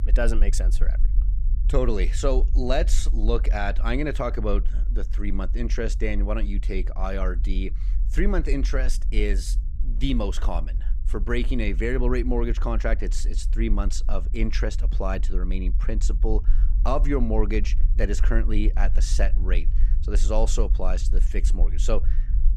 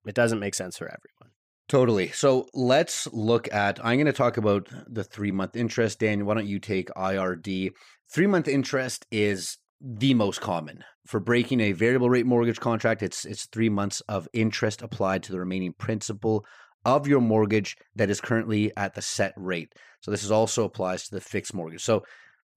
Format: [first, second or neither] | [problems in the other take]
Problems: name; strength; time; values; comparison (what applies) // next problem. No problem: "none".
second | low rumble; noticeable; throughout; 20 dB below the speech